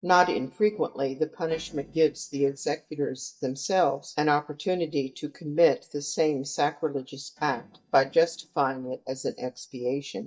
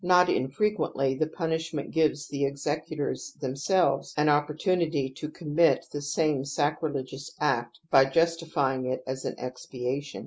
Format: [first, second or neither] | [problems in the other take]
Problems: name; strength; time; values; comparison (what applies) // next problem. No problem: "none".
second | noise reduction (neural mask model DeepFilterNet 3)